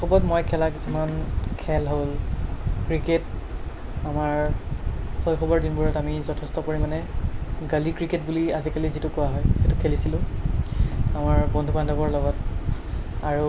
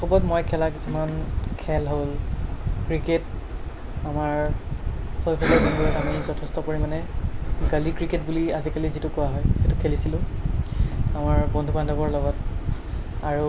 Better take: first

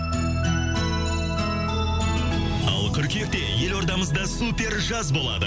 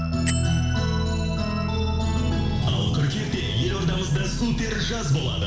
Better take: first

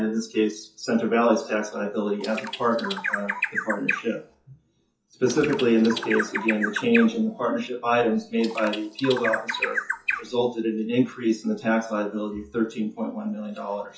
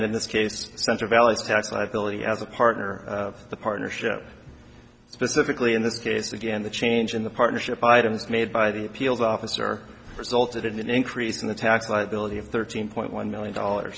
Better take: second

